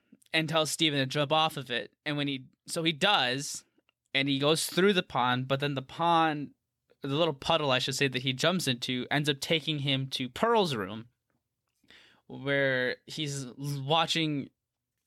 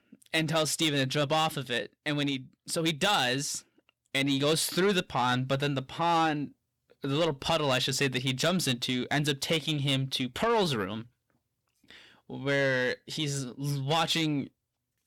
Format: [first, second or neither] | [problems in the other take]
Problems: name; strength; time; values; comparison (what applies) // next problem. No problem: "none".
first | distortion; slight; 10 dB below the speech